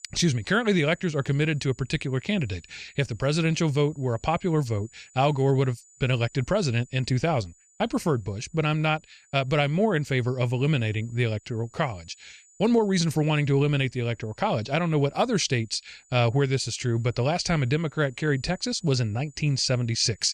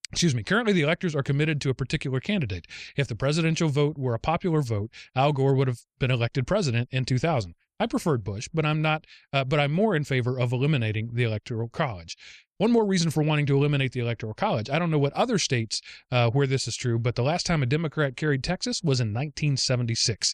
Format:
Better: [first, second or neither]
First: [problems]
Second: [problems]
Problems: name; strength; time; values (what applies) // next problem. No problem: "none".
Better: second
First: high-pitched whine; faint; throughout; 7 kHz, 30 dB below the speech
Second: none